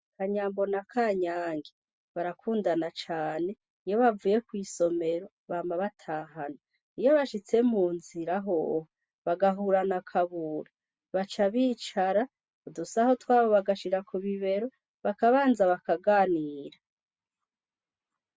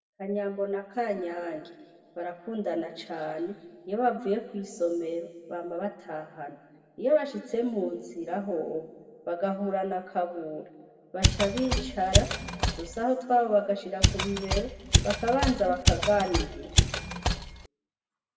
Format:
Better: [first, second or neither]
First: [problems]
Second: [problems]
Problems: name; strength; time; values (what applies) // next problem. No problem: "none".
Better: first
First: none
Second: background sound (Mechanisms); 4 dB above the speech // room echo; dies away in 1.5 s